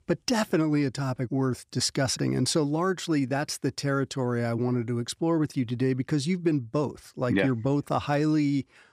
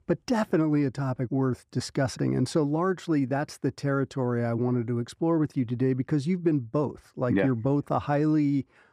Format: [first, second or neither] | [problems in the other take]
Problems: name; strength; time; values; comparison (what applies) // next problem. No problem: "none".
first | muffled; slightly; fading above 2 kHz